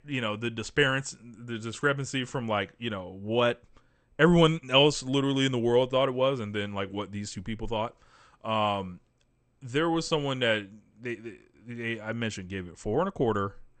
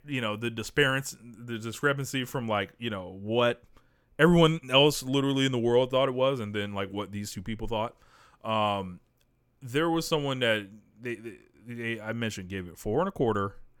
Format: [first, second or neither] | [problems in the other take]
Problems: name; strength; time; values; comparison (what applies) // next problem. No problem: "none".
second | garbled, watery; slightly; nothing above 8.5 kHz